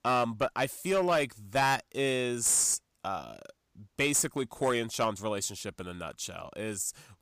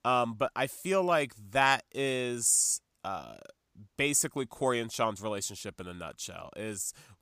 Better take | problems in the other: second | distortion; slight; 4% of the sound clipped

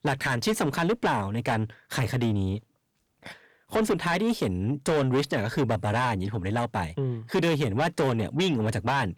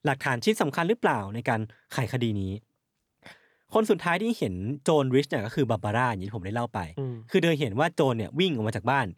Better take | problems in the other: second | distortion; heavy; 7 dB below the speech

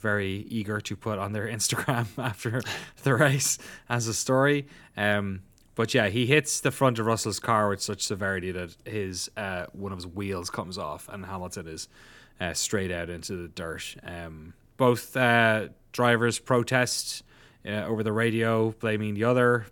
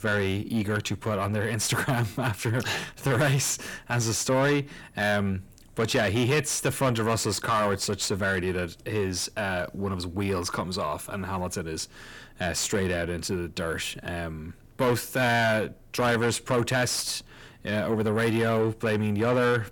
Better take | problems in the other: first | distortion; heavy; 6 dB below the speech

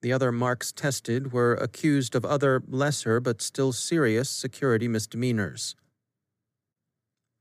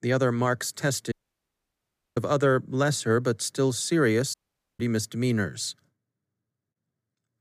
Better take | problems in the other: first | audio cutting out; at 1 s for 1 s and at 4.5 s

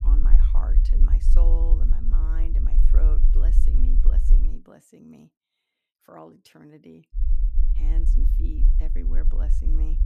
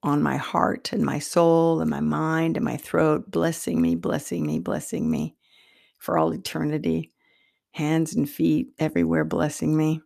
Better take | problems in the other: second | low rumble; loud; until 4.5 s and from 7 s on; 2 dB below the speech

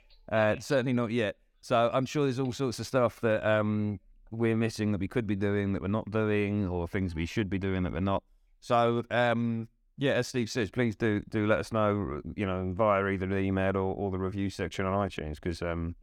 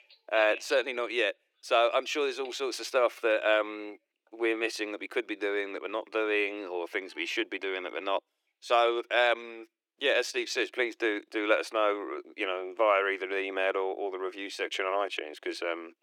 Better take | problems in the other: first | thin; very; fading below 350 Hz

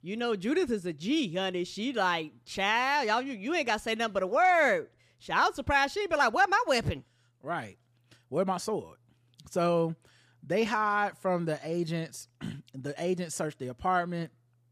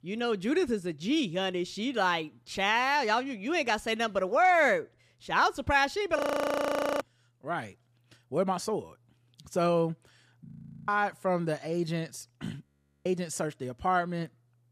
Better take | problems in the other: first | audio freezing; at 6 s for 1 s, at 10 s and at 13 s

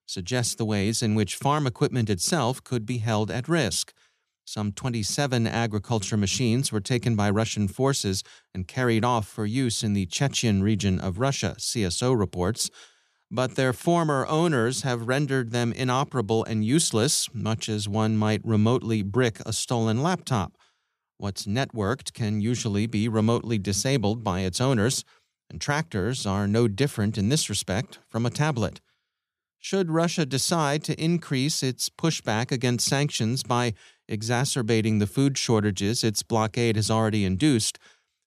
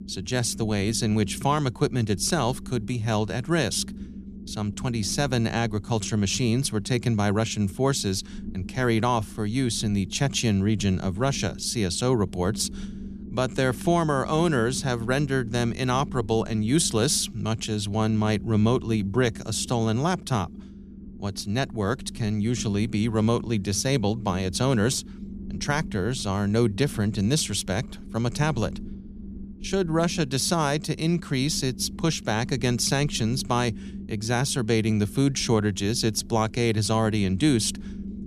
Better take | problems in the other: first | low rumble; noticeable; throughout; 20 dB below the speech

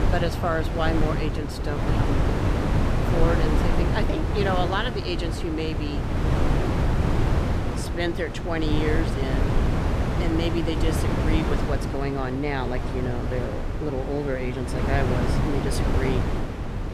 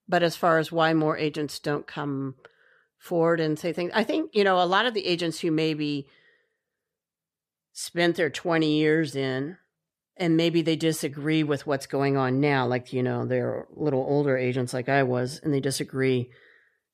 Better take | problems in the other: second | wind noise on the microphone; heavy; 1 dB below the speech

